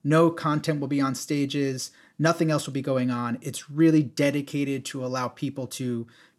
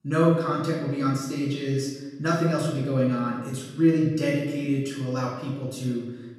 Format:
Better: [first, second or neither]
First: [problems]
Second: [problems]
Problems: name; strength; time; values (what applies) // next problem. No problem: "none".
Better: first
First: none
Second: room echo; noticeable; dies away in 1.1 s // off-mic speech; far